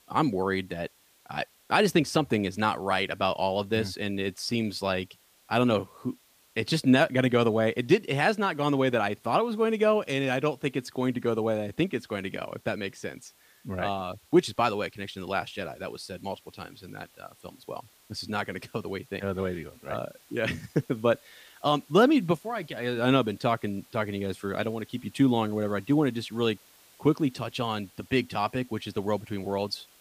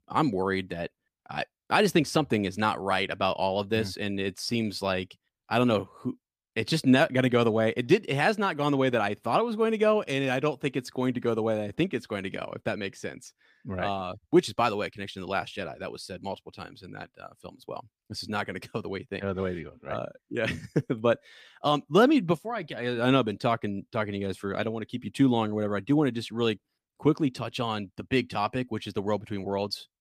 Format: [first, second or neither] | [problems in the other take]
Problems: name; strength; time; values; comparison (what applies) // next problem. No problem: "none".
second | hiss; faint; throughout; 30 dB below the speech